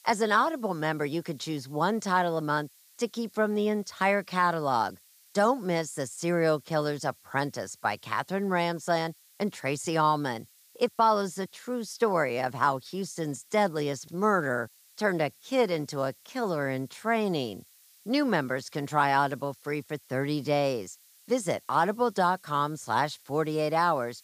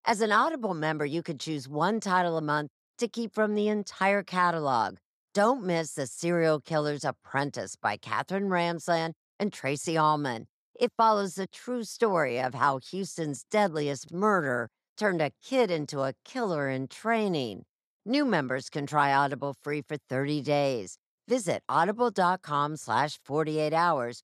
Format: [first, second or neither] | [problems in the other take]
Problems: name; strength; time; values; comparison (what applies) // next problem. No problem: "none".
second | hiss; faint; throughout; 25 dB below the speech